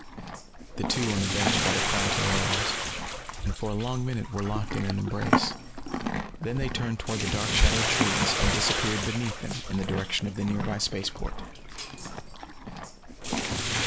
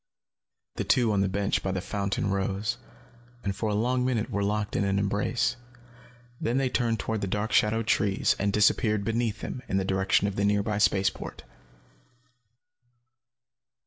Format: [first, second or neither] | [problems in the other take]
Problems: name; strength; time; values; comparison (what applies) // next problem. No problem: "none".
second | background sound (Bathtub (filling or washing) + Livestock, farm animals, working animals); 2 dB above the speech